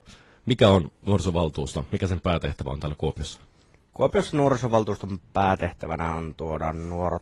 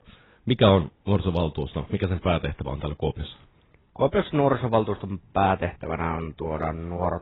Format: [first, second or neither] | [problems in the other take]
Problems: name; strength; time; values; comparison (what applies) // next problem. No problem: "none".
first | garbled, watery; badly; nothing above 4 kHz; slightly in the first